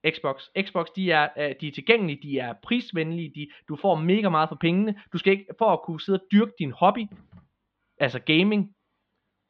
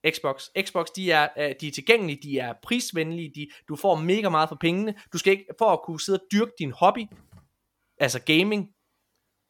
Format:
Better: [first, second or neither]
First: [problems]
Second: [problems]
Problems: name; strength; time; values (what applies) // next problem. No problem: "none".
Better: second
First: muffled; slightly; fading above 3.5 kHz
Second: none